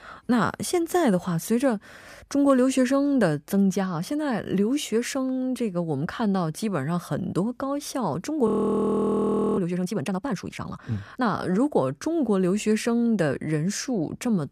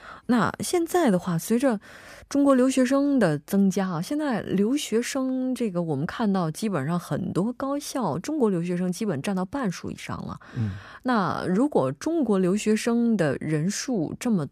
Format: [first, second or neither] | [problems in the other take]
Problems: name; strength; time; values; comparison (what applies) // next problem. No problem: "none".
second | audio freezing; at 8.5 s for 1 s